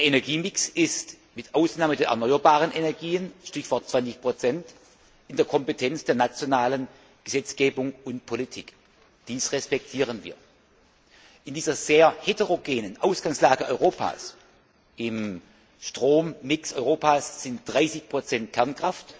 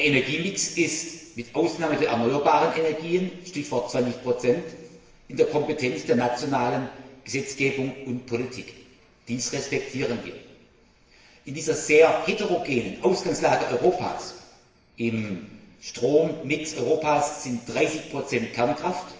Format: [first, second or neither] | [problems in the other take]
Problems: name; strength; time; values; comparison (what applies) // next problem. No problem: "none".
first | room echo; dies away in 1 s